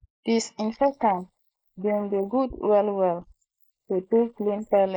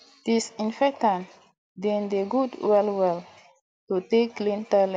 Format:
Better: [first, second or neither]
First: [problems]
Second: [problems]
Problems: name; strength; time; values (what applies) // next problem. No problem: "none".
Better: second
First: noise reduction (neural mask model Resemble Enhance denoiser)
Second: none